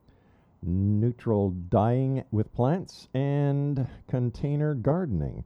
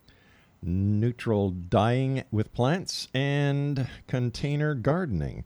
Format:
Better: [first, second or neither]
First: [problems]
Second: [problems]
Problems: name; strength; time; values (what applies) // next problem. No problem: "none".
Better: second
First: muffled; slightly; fading above 1 kHz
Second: none